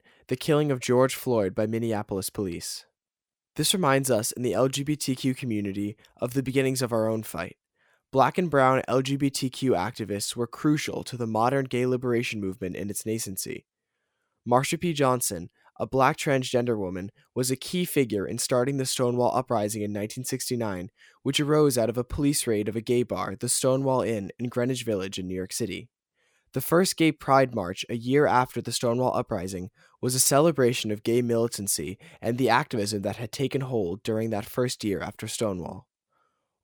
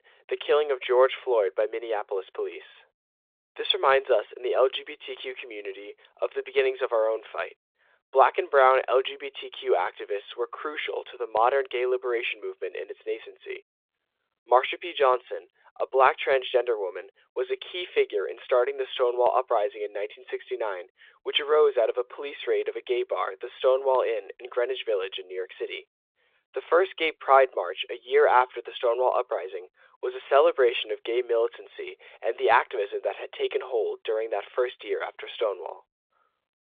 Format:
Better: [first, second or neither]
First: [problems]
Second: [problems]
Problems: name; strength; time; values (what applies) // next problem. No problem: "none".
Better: first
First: none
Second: phone-call audio; nothing above 3.5 kHz